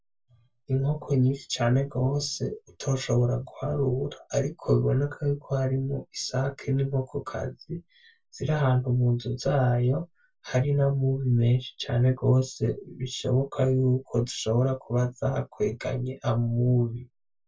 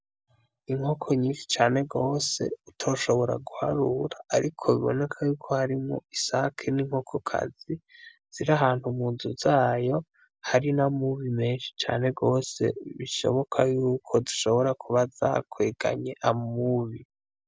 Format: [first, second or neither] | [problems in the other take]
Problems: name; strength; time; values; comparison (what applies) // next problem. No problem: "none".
second | room echo; dies away in 0.1 s